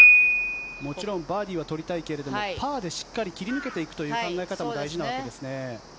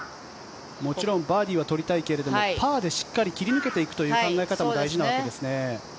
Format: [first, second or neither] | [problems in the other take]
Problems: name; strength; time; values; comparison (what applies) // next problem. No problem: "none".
second | background sound (Piano); 5 dB above the speech